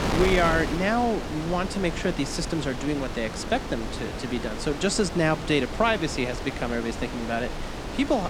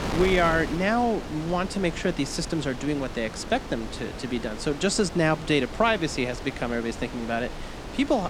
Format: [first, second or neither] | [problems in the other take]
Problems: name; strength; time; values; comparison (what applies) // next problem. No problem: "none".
second | wind noise on the microphone; heavy; 7 dB below the speech; occasional gusts in the second